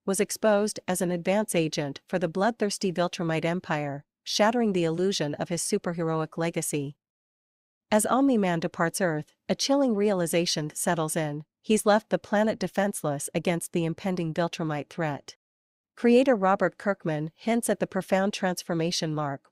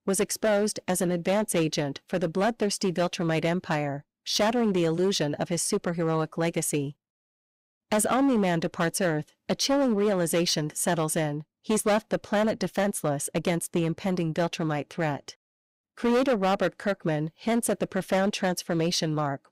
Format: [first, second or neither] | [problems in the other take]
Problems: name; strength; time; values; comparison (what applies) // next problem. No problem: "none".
first | distortion; slight; 8% of the sound clipped